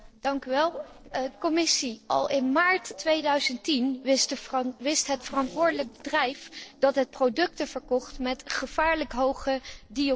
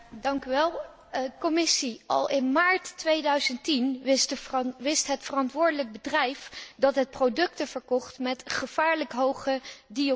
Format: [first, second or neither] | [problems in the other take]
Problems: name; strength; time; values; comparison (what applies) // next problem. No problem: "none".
second | noise reduction (neural separator model SepFormer DNS4)